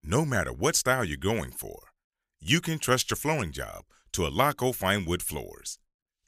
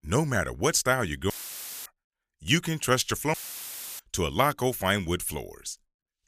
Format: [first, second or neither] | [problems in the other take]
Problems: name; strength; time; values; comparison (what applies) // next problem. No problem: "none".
first | audio cutting out; filled with static; at 1.5 s for 0.5 s and at 3.5 s for 0.5 s